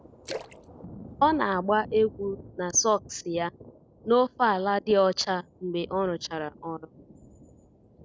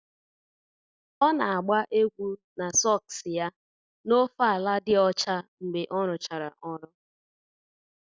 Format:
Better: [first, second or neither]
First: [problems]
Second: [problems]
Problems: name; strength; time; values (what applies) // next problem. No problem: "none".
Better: second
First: background sound (Thunder + Splash, splatter); 19 dB below the speech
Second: none